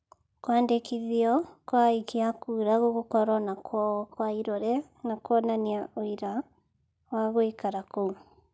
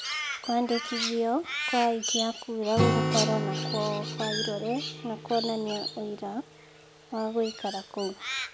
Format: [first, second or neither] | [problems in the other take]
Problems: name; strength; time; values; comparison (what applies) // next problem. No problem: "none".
first | background sound (Acoustic guitar + Crow); 2 dB below the speech